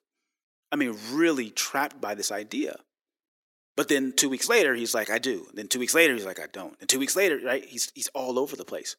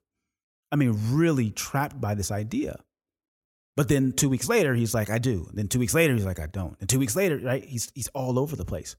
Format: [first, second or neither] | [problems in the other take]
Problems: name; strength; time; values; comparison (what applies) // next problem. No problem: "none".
second | thin; somewhat; fading below 300 Hz